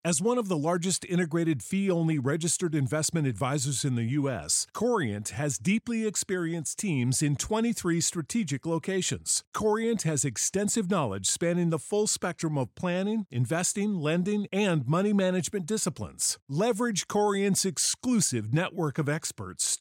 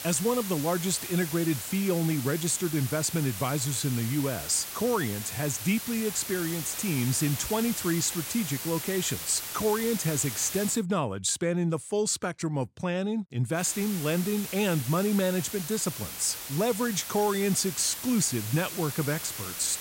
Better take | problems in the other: first | hiss; loud; until 11 s and from 14 s on; 7 dB below the speech

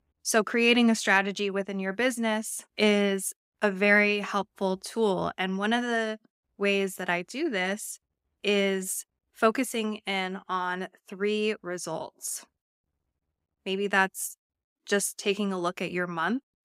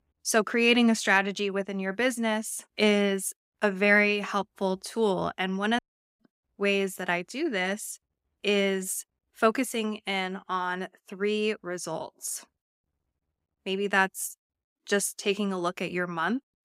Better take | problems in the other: first | audio cutting out; at 6 s

